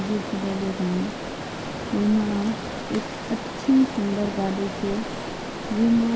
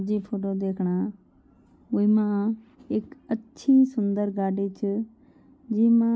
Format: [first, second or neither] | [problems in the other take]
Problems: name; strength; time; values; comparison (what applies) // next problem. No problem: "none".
second | background sound (Stream); 7 dB below the speech